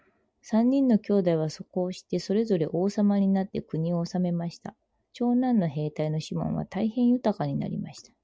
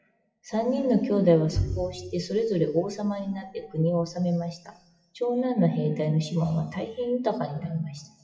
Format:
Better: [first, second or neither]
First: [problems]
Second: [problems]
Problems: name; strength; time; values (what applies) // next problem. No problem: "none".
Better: first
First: none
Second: noise reduction (classical method WPE with log-MMSE)